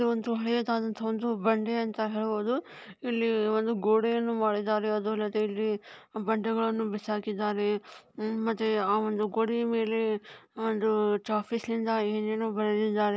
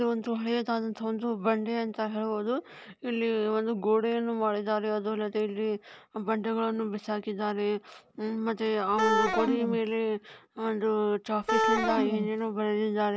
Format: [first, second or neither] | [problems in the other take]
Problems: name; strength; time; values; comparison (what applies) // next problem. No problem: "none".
first | background sound (Wind instrument, woodwind instrument); as loud as the speech